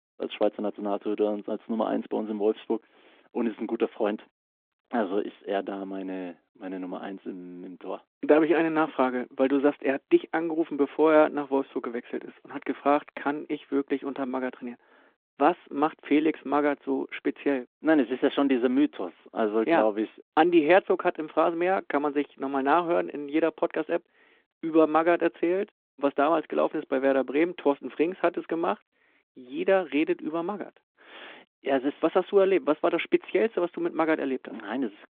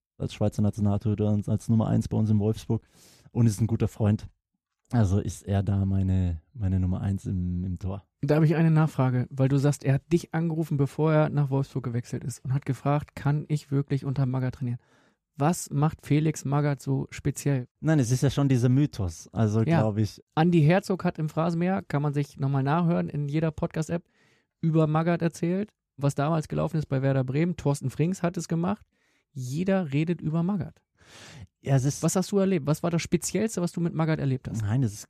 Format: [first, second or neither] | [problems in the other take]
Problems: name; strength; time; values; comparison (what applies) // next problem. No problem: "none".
second | phone-call audio; nothing above 3.5 kHz